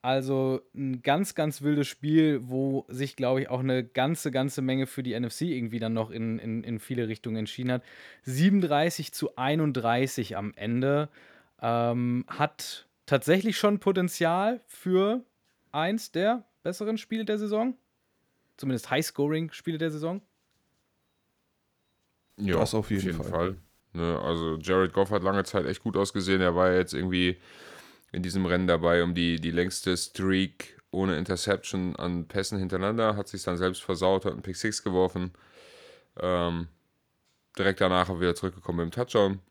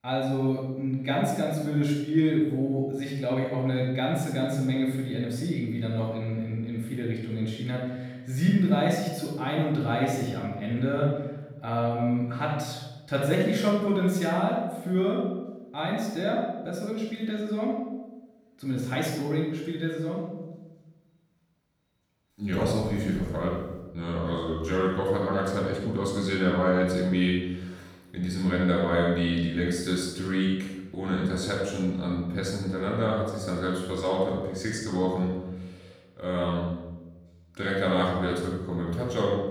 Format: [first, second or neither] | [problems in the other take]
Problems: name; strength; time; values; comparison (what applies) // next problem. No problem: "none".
first | off-mic speech; far // room echo; noticeable; dies away in 1.1 s